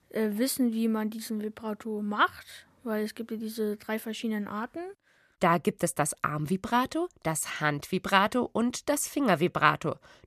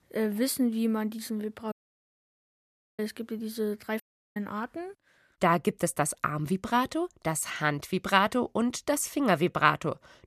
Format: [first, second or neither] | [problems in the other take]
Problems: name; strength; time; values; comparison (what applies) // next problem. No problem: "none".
first | audio cutting out; at 1.5 s for 1.5 s and at 4 s